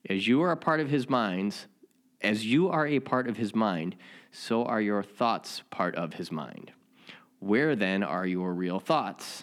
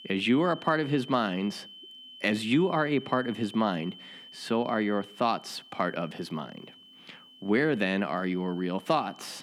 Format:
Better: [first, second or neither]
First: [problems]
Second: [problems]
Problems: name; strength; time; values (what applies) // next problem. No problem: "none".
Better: first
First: none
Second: high-pitched whine; noticeable; throughout; 3 kHz, 20 dB below the speech